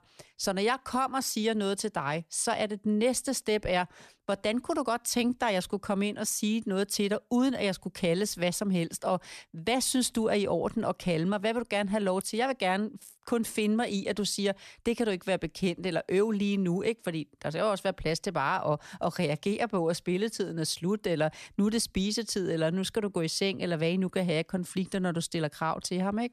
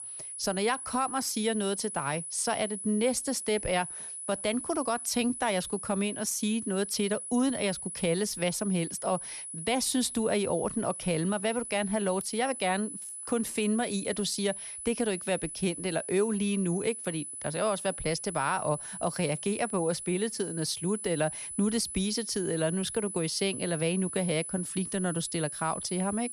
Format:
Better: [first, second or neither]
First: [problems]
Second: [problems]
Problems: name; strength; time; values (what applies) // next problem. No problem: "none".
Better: first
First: none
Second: high-pitched whine; loud; throughout; 10 kHz, 7 dB below the speech